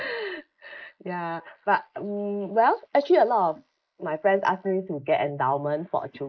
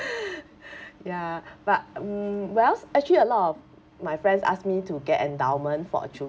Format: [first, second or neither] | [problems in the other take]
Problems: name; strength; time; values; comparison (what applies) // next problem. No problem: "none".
second | noise reduction (neural mask model Resemble Enhance denoiser)